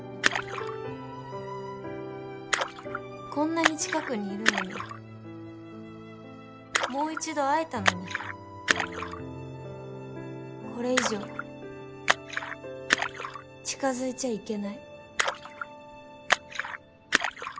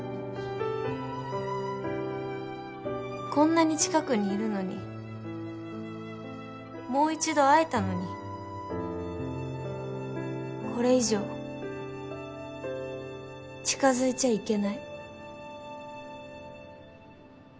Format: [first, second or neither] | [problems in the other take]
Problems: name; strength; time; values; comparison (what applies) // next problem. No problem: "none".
second | background sound (Splash, splatter); 1 dB above the speech